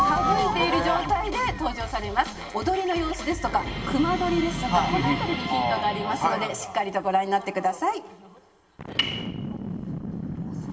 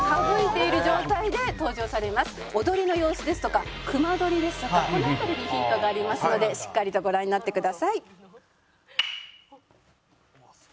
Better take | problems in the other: second | background sound (Boom); 11 dB below the speech // room echo; dies away in 1.3 s

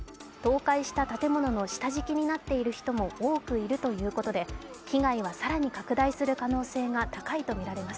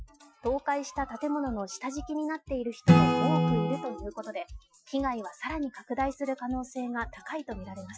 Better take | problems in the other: first | noise reduction (classical method Wiener filter)

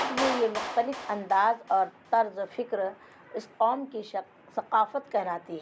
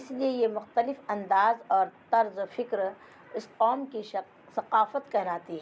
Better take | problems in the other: second | background sound (Clapping); 10 dB below the speech

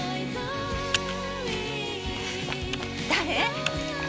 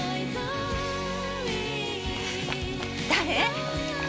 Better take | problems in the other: second | background sound (Computer keyboard); 10 dB below the speech

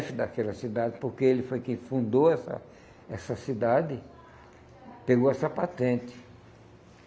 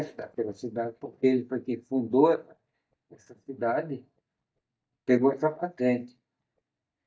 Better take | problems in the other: first | noise reduction (neural mask model DeepFilterNet 3)

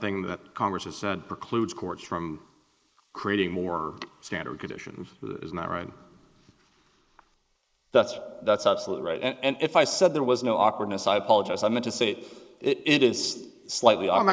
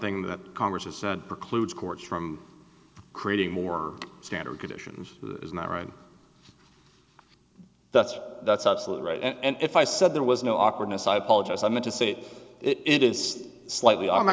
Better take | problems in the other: second | noise reduction (neural mask model Resemble Enhance denoiser)

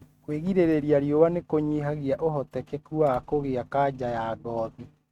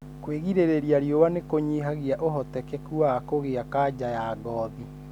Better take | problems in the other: second | noise reduction (neural mask model RNNoise)

